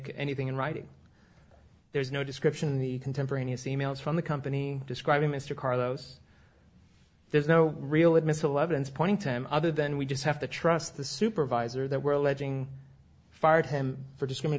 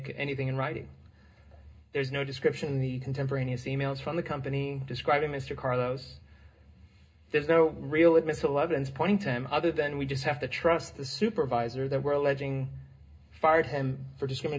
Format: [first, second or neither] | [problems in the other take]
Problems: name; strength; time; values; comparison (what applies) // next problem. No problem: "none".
first | room echo; dies away in 0.2 s